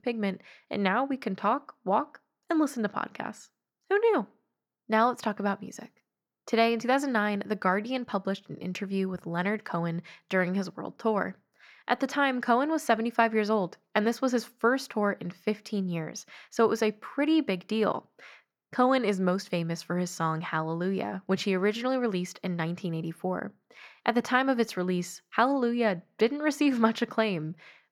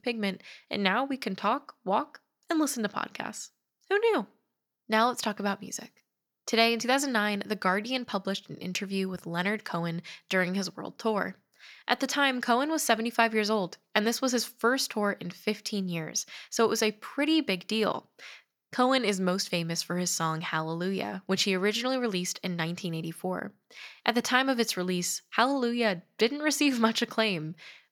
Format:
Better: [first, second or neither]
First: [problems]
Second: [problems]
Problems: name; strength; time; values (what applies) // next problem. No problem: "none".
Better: second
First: muffled; slightly; fading above 2.5 kHz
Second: none